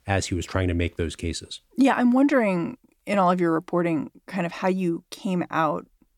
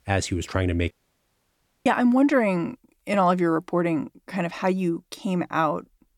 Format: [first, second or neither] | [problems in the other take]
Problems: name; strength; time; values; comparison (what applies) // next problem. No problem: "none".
first | audio cutting out; at 1 s for 1 s